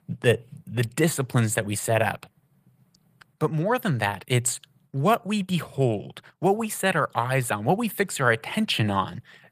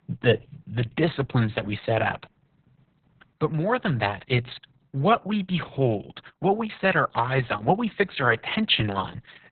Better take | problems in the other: first | garbled, watery; badly; nothing above 4 kHz; slightly in the first

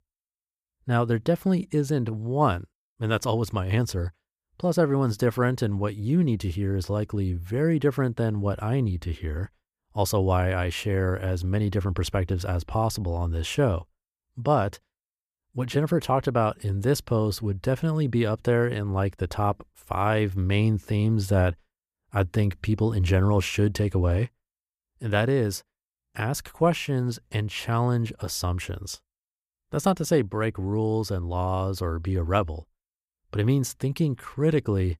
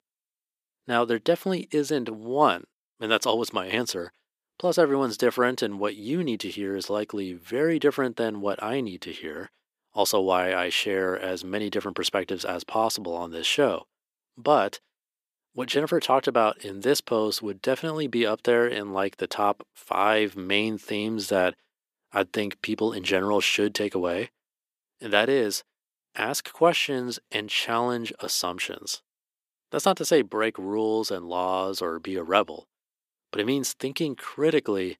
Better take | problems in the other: first | thin; somewhat; fading below 250 Hz

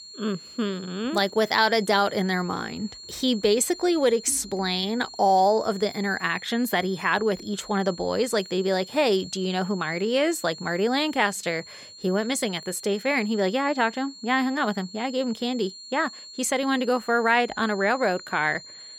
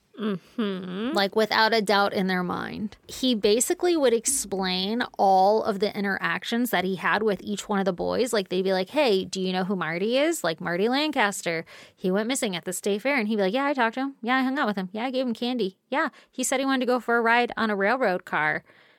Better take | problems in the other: second | high-pitched whine; noticeable; throughout; 4.5 kHz, 15 dB below the speech

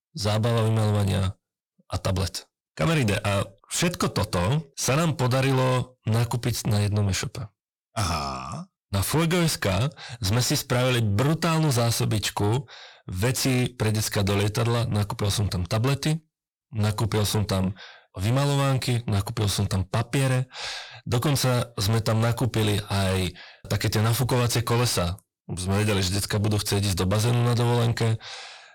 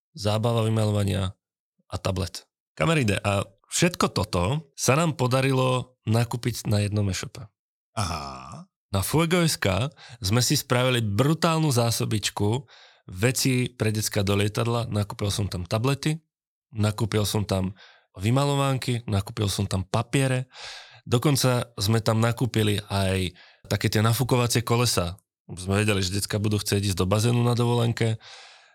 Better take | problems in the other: second | distortion; heavy; 7 dB below the speech

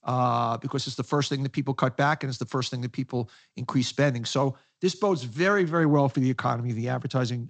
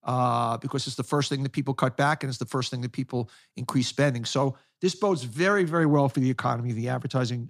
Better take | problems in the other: second | garbled, watery; slightly; nothing above 7.5 kHz

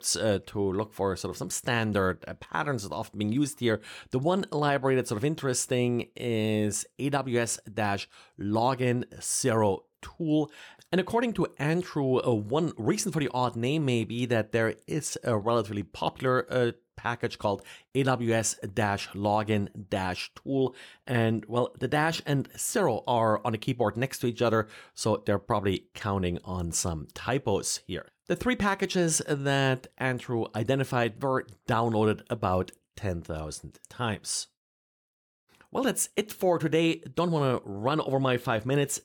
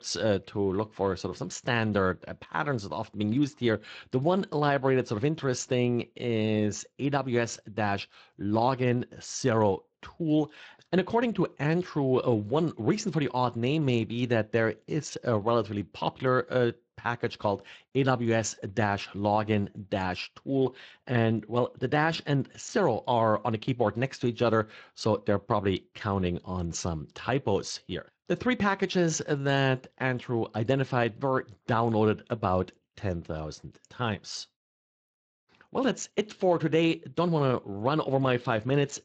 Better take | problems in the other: first | garbled, watery; slightly; nothing above 7.5 kHz

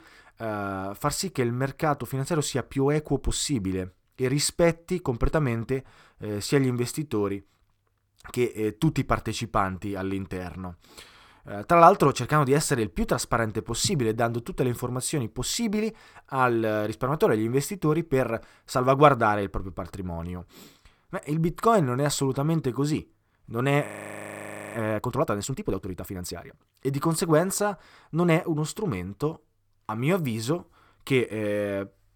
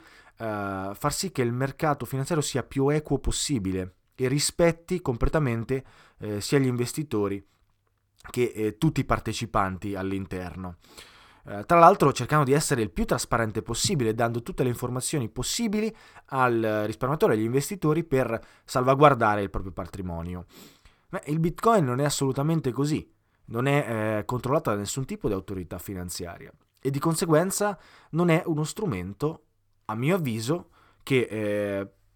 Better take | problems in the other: second | audio freezing; at 24 s for 1 s

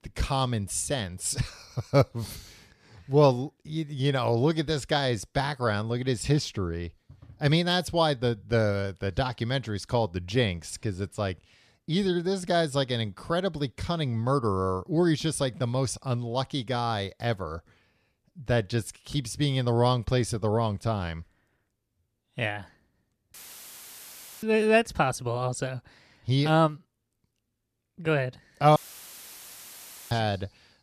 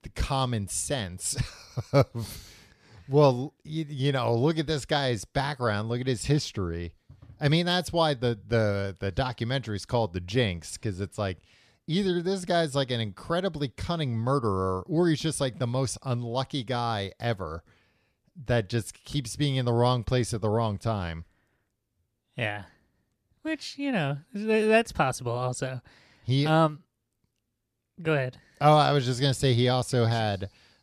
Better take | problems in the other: second | audio cutting out; filled with static; at 23 s for 1 s and at 29 s for 1.5 s

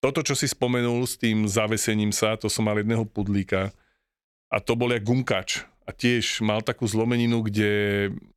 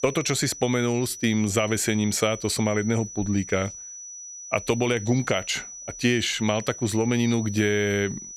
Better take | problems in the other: first | high-pitched whine; noticeable; throughout; 6 kHz, 10 dB below the speech

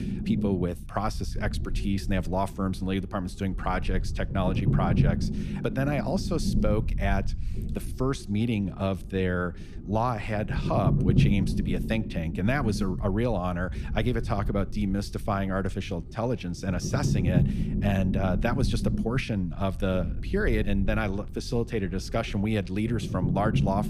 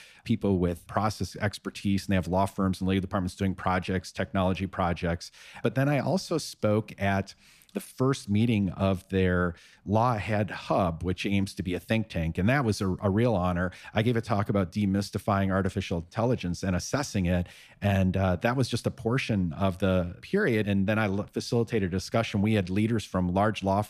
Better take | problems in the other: second | low rumble; loud; throughout; 8 dB below the speech

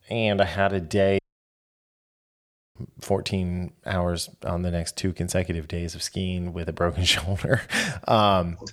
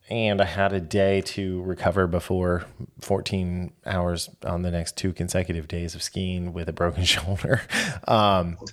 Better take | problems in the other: second | audio cutting out; at 1 s for 1.5 s

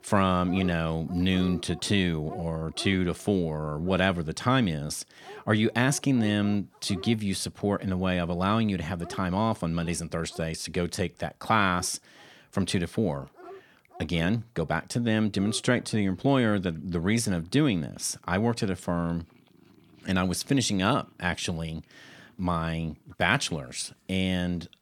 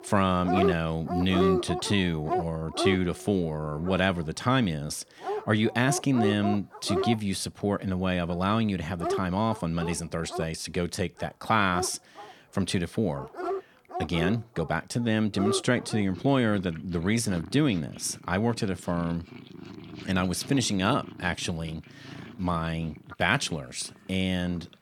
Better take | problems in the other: first | animal sounds; loud; throughout; 7 dB below the speech; faint in the first

